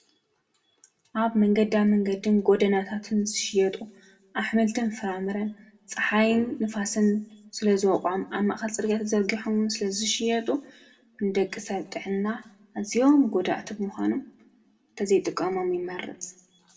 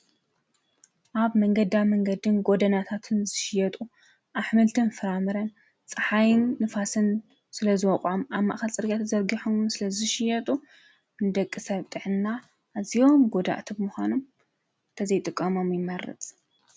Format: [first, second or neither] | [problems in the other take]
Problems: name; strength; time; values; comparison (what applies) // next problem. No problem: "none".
second | room echo; dies away in 0.6 s